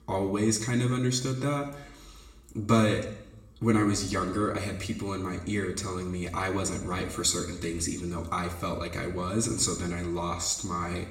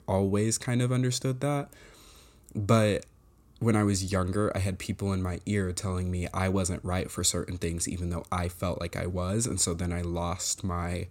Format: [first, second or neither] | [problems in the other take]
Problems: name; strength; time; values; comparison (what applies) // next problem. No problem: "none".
second | room echo; slight; dies away in 0.8 s // off-mic speech; somewhat distant